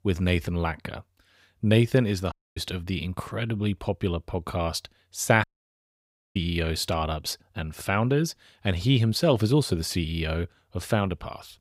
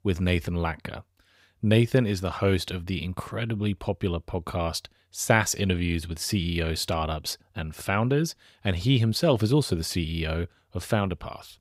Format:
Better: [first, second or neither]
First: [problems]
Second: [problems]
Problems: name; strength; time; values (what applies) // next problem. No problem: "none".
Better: second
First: audio cutting out; at 2.5 s and at 5.5 s for 1 s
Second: none